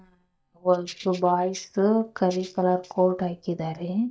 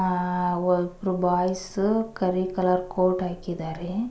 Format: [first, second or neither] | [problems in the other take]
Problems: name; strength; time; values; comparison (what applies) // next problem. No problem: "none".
second | noise reduction (neural mask model DeepFilterNet 3)